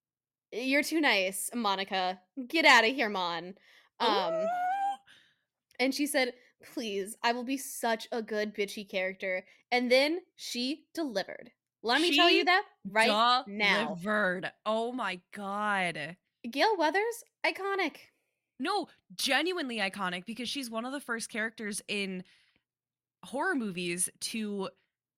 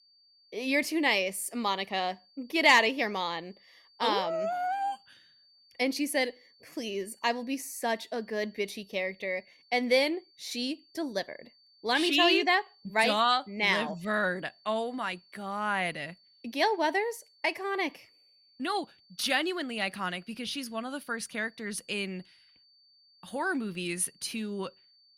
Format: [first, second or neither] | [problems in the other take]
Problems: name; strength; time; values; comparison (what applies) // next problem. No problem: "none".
first | high-pitched whine; faint; throughout; 4.5 kHz, 30 dB below the speech